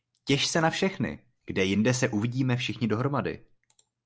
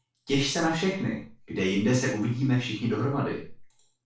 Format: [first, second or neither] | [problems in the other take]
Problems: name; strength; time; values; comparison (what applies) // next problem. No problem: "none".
first | room echo; dies away in 0.4 s